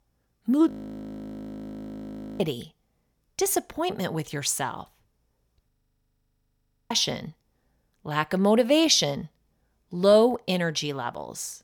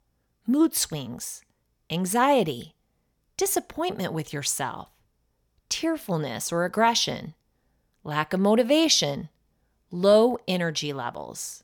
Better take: second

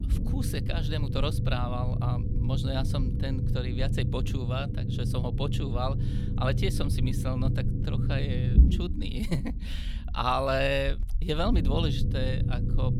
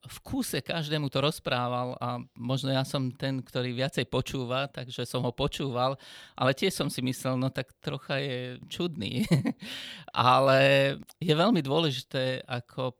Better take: second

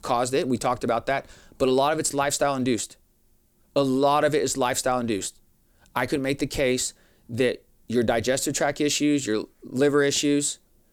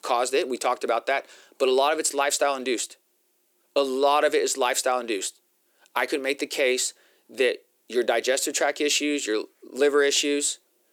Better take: first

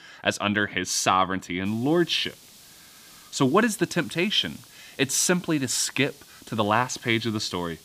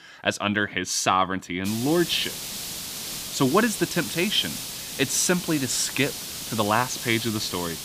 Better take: first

